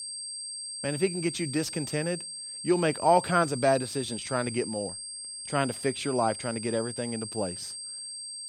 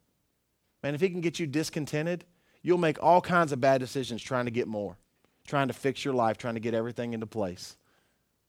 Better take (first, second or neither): second